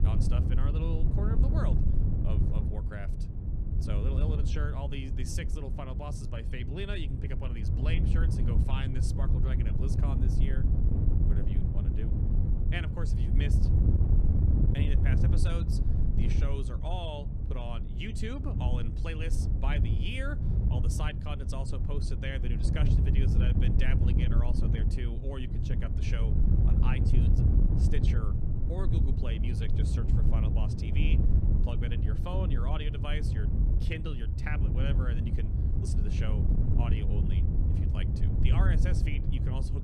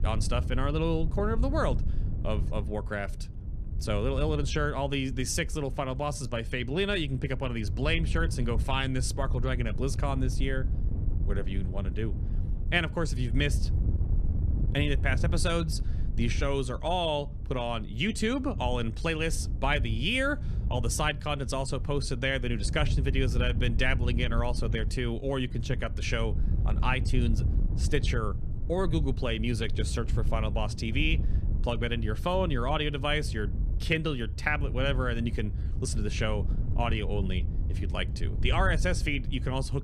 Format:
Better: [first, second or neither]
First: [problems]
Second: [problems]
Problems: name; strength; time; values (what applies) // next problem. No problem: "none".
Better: second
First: wind noise on the microphone; heavy; 1 dB below the speech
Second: wind noise on the microphone; occasional gusts; 15 dB below the speech